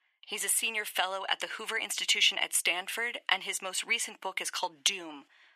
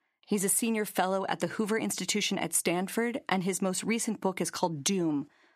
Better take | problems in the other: second | thin; very; fading below 750 Hz

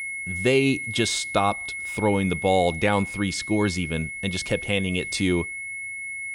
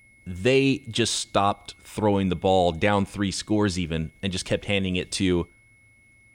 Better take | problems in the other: second | high-pitched whine; loud; throughout; 2 kHz, 7 dB below the speech; faint in the second

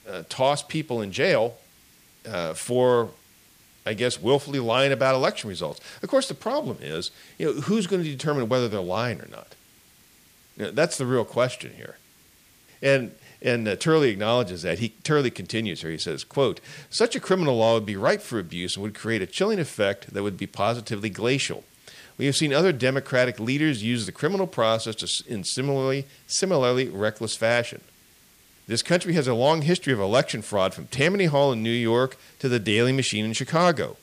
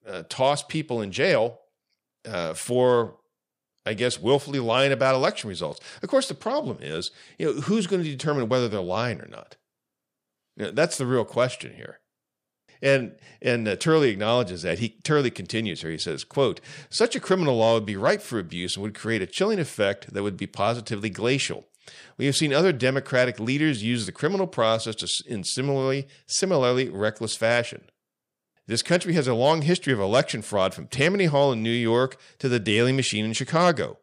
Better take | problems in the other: second | hiss; faint; throughout; 30 dB below the speech

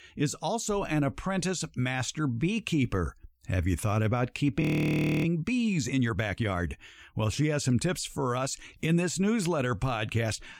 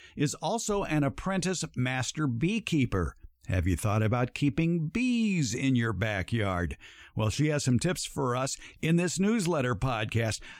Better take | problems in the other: second | audio freezing; at 4.5 s for 0.5 s

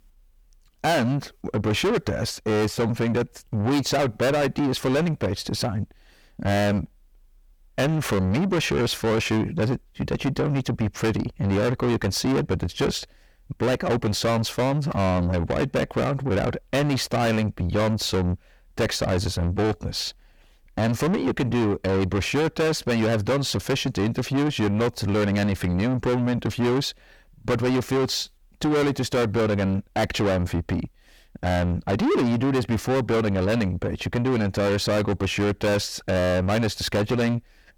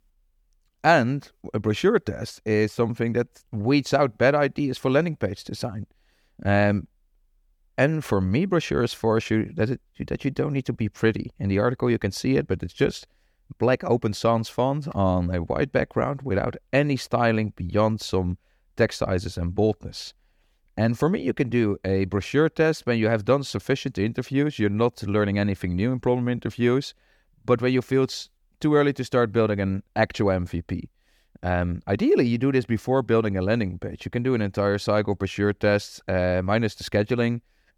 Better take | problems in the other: second | distortion; heavy; 6 dB below the speech

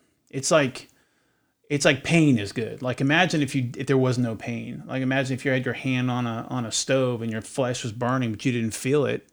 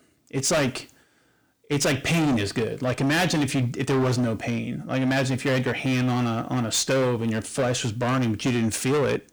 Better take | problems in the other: first | distortion; heavy; 19% of the sound clipped

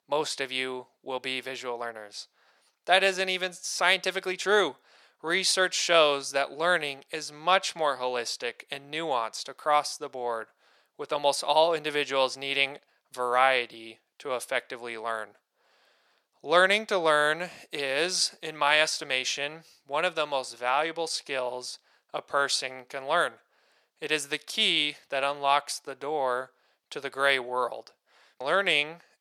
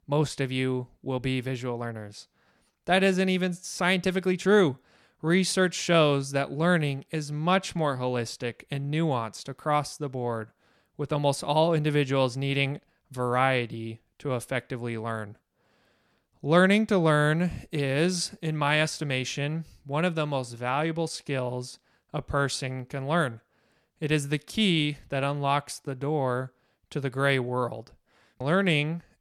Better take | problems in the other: second | thin; very; fading below 650 Hz

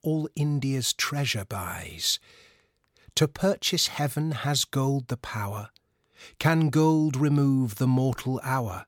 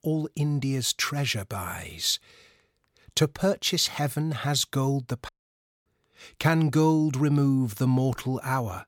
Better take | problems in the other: first | audio cutting out; at 5.5 s for 0.5 s

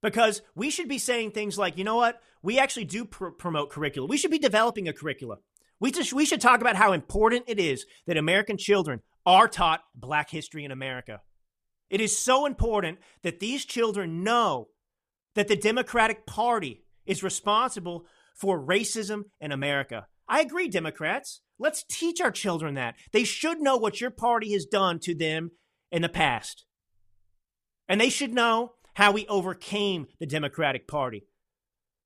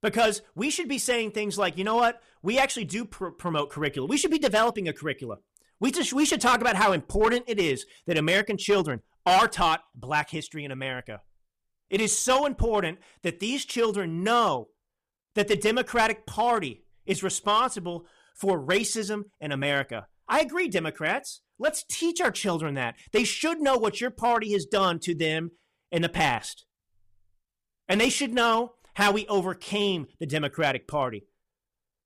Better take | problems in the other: first | distortion; slight; 3% of the sound clipped

